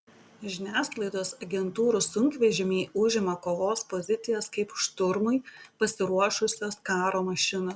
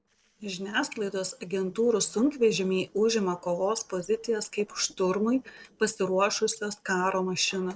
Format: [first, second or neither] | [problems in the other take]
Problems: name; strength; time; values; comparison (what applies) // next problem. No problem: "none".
first | noise reduction (neural separator model SepFormer DNS4)